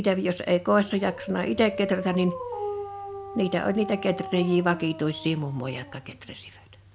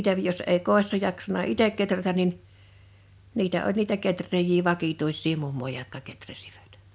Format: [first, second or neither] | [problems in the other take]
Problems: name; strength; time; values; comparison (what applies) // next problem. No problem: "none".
second | background sound (Dog); 12 dB below the speech